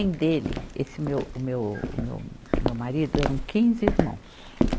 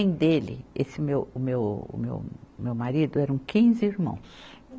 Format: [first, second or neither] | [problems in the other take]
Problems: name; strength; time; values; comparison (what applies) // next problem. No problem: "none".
second | background sound (Walk, footsteps); 2 dB below the speech